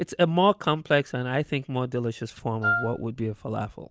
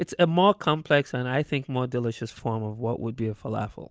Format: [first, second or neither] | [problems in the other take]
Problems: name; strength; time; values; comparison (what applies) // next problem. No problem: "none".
second | background sound (Wind instrument, woodwind instrument); 2 dB below the speech